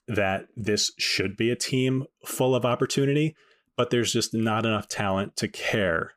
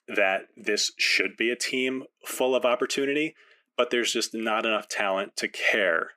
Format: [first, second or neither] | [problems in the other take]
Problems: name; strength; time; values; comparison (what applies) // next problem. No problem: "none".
first | thin; somewhat; fading below 250 Hz